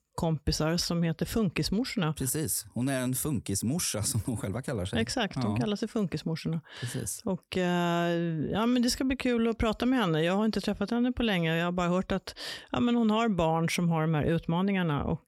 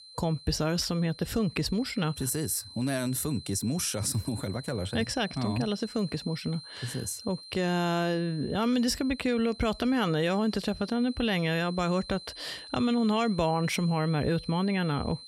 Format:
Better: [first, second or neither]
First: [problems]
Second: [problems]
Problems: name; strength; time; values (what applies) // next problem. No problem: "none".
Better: first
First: none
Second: high-pitched whine; noticeable; throughout; 4 kHz, 15 dB below the speech